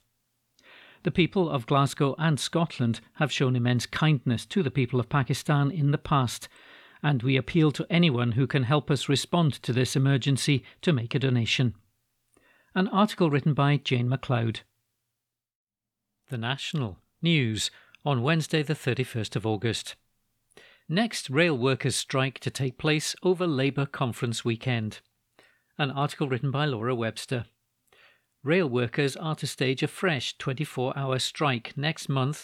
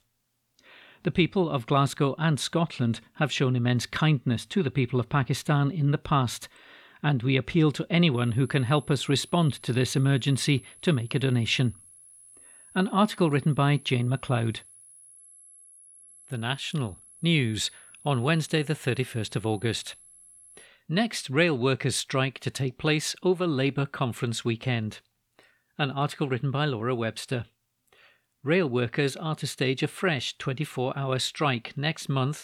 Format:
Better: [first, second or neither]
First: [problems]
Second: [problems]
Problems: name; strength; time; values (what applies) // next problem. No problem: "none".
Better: first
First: none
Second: high-pitched whine; faint; from 8 to 21 s; 11 kHz, 25 dB below the speech